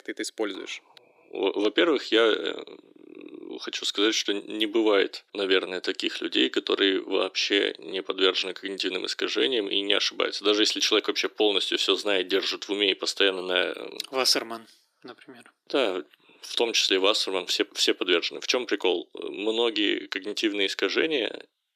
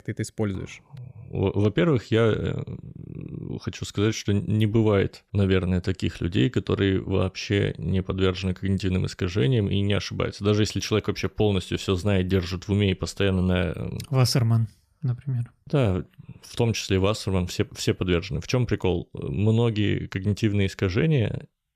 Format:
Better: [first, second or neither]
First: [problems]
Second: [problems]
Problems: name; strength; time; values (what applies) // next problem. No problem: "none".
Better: second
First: thin; very; fading below 300 Hz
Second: none